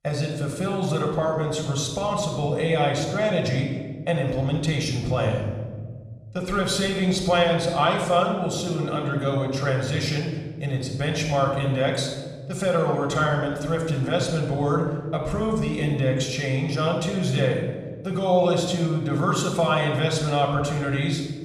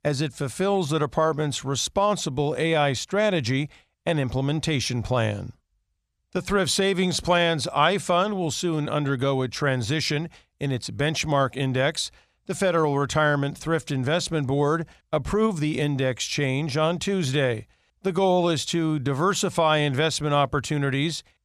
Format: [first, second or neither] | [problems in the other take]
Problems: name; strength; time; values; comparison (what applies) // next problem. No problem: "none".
second | room echo; noticeable; dies away in 1.5 s // off-mic speech; somewhat distant